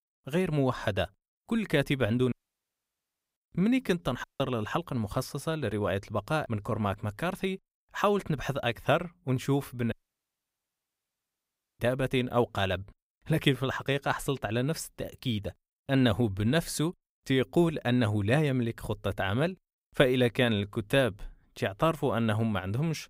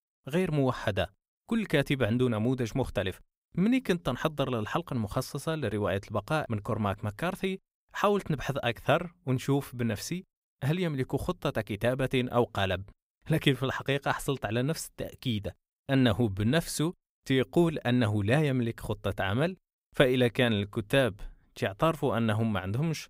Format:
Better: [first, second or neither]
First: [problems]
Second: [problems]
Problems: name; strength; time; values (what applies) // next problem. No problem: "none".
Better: second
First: audio cutting out; at 2.5 s for 1 s, at 4 s and at 10 s for 2 s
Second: none